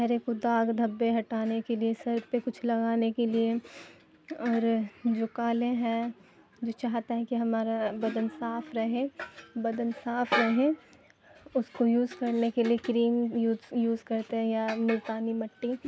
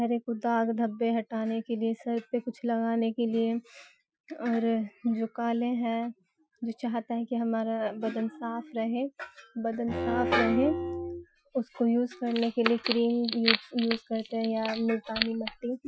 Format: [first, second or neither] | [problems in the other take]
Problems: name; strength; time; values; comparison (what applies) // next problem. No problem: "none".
first | noise reduction (classical method Wiener filter)